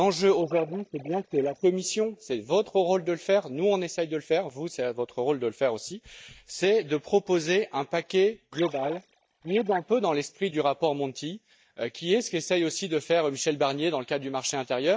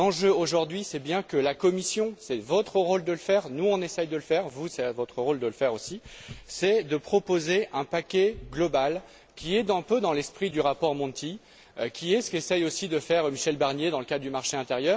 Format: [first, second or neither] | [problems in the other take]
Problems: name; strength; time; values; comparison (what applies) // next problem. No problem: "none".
second | noise reduction (neural mask model DeepFilterNet 3)